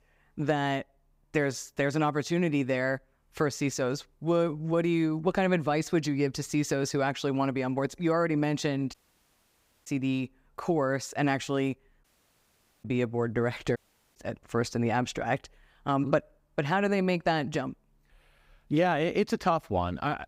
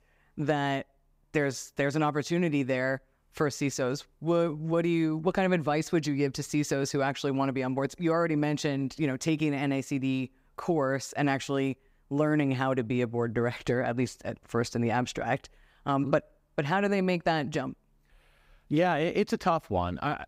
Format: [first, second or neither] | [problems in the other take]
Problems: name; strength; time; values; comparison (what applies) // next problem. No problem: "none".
second | audio cutting out; at 9 s for 1 s, at 12 s for 1 s and at 14 s